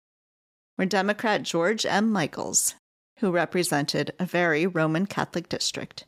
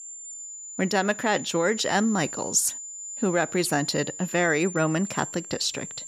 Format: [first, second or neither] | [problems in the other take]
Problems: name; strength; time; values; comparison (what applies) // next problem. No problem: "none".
first | high-pitched whine; loud; throughout; 7 kHz, 10 dB below the speech